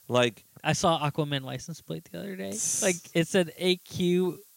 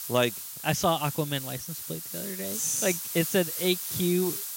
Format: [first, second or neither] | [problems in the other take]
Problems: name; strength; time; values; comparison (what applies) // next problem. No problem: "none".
first | hiss; loud; throughout; 5 dB below the speech; faint in the first